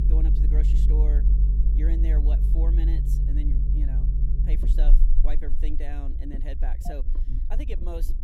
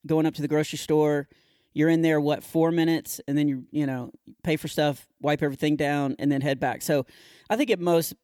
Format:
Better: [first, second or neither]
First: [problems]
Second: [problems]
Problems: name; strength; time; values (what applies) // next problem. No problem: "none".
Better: second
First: low rumble; loud; throughout; 2 dB below the speech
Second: none